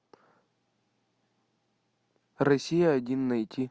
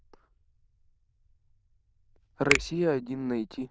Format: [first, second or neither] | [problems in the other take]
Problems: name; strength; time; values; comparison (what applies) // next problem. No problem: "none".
first | noise reduction (neural diffusion model UNIVERSE++)